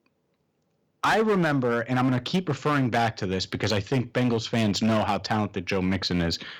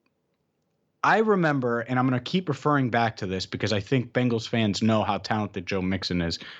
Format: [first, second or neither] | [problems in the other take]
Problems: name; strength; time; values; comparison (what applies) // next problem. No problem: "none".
second | distortion; slight; 9% of the sound clipped